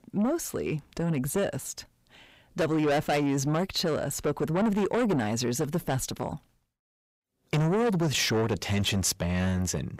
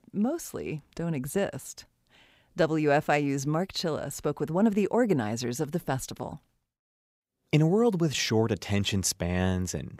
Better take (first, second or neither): second